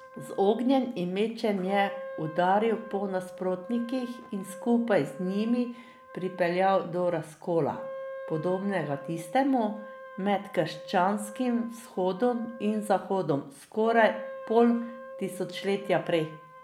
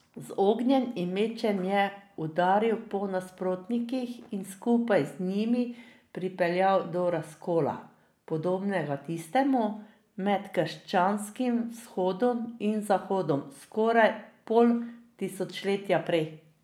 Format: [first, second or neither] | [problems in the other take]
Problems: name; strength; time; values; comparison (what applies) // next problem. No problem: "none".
second | background sound (Wind instrument, woodwind instrument); 15 dB below the speech